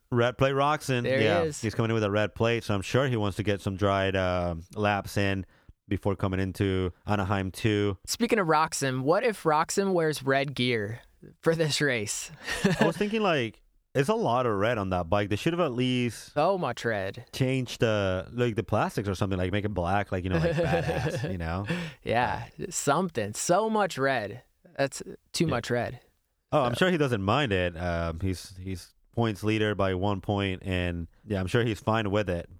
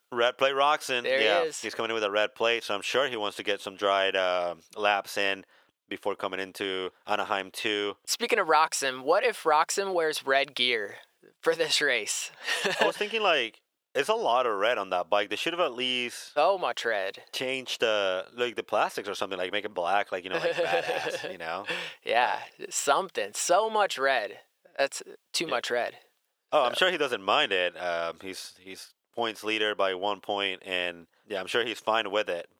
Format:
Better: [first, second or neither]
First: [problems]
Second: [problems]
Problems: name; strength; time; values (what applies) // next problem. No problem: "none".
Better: first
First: none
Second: thin; very; fading below 550 Hz